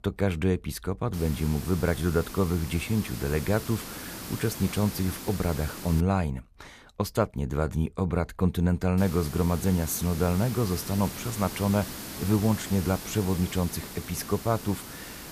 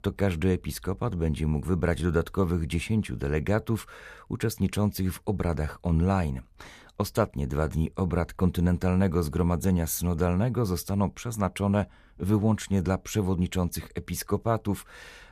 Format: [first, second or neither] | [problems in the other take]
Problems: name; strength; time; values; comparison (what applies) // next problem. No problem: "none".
second | hiss; noticeable; from 1 to 6 s and from 9 s on; 10 dB below the speech